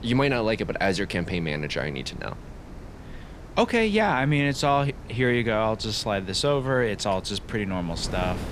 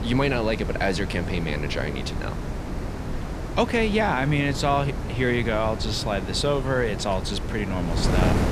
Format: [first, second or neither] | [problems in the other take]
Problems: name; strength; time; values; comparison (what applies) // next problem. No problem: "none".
first | wind noise on the microphone; heavy; 9 dB below the speech; occasional gusts in the first